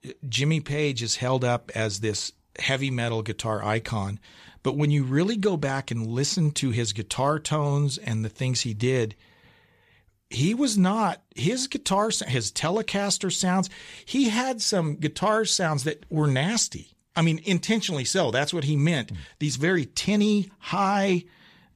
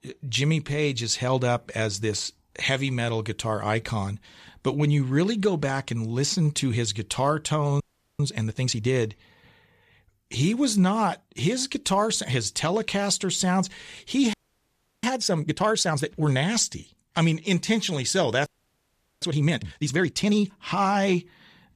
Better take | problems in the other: first | audio freezing; at 8 s, at 14 s for 0.5 s and at 18 s for 1 s

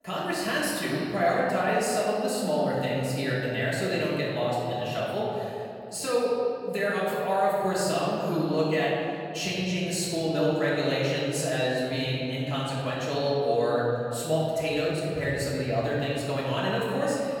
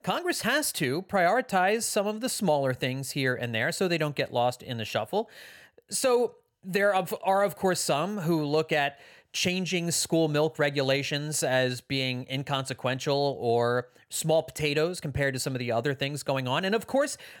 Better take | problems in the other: second | room echo; strong; dies away in 2.6 s // off-mic speech; far

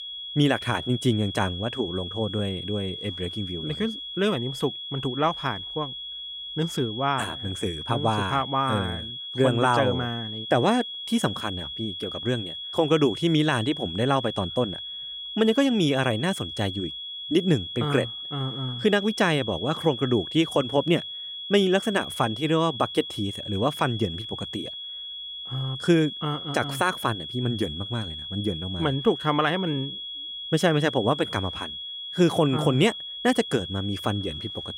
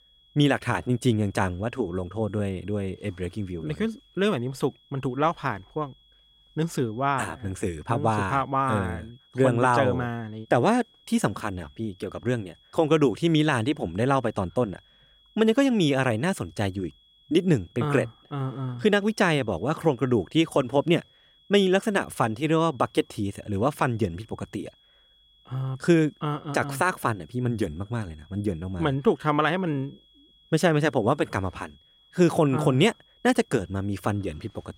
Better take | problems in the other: second | high-pitched whine; loud; throughout; 3.5 kHz, 7 dB below the speech; faint in the second

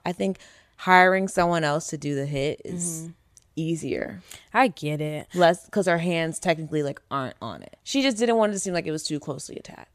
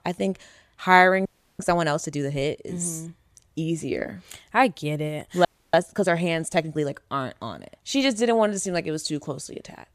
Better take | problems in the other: first | audio freezing; at 1.5 s and at 5.5 s

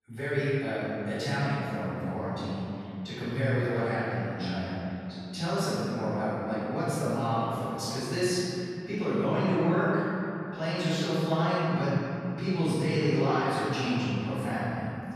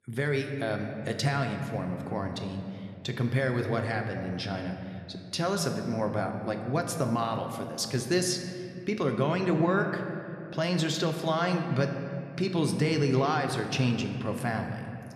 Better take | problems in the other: second | room echo; strong; dies away in 2.6 s; slight in the second // off-mic speech; far

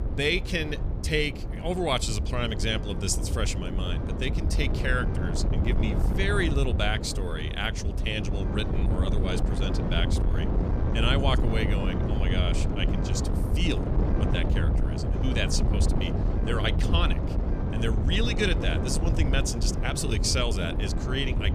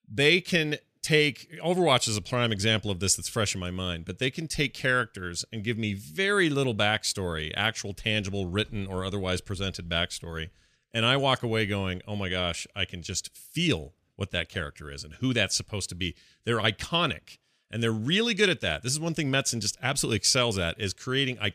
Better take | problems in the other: second | wind noise on the microphone; heavy; 6 dB below the speech

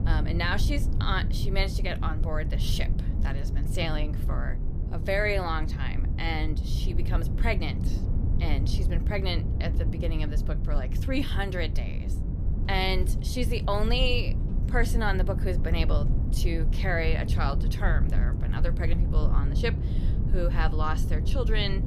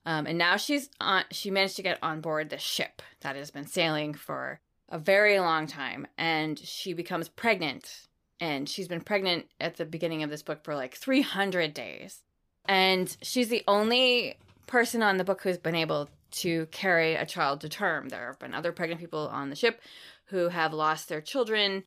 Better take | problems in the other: second | low rumble; noticeable; throughout; 10 dB below the speech

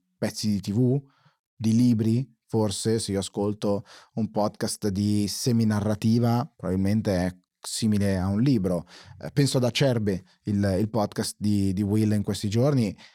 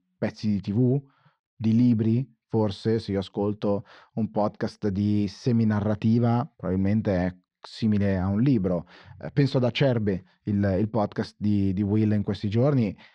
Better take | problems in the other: first | muffled; slightly; fading above 3.5 kHz

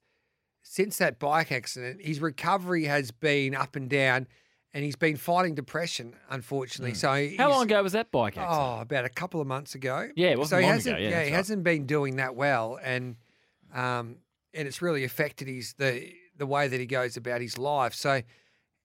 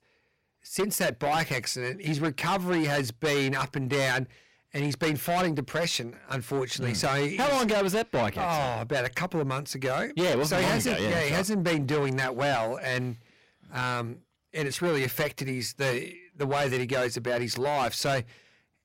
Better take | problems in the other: first | distortion; heavy; 5 dB below the speech

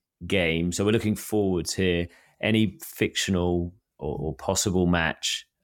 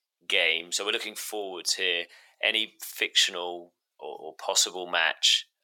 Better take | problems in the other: first | thin; very; fading below 550 Hz

